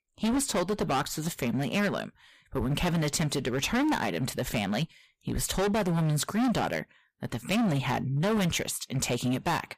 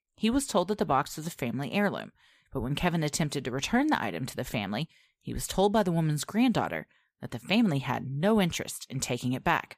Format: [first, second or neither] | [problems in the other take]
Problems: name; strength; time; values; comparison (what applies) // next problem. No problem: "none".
second | distortion; heavy; 18% of the sound clipped